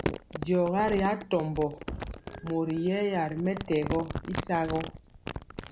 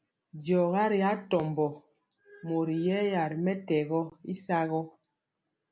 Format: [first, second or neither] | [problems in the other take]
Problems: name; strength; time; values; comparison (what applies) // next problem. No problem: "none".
second | background sound (Crumpling, crinkling); 8 dB below the speech